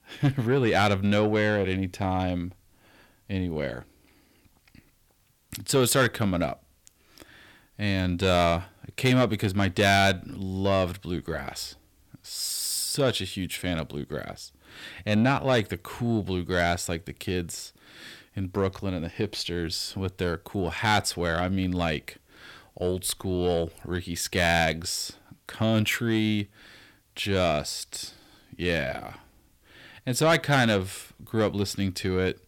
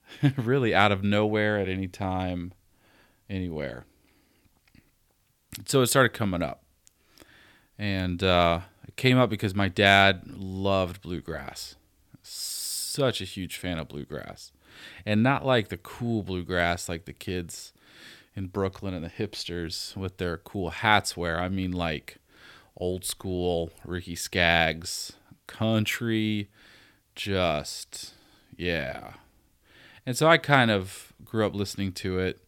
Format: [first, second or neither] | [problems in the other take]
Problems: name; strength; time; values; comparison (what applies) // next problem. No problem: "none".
second | distortion; slight; 10 dB below the speech